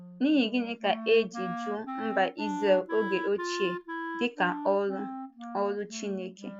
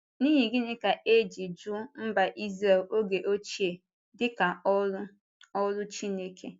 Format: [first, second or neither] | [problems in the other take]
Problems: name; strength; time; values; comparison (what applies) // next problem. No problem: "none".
second | background sound (Wind instrument, woodwind instrument); 8 dB below the speech